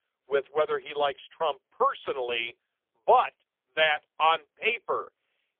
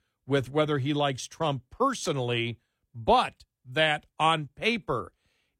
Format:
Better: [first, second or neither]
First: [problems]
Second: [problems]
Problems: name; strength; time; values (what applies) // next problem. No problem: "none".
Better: second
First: phone-call audio; poor line; nothing above 3.5 kHz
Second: none